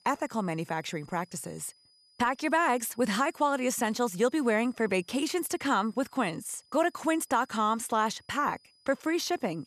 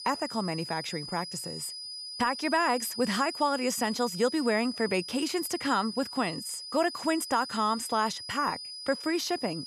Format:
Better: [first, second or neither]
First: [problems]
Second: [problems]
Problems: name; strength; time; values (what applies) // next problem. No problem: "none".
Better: first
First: high-pitched whine; faint; throughout; 5 kHz, 30 dB below the speech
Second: high-pitched whine; loud; throughout; 5 kHz, 8 dB below the speech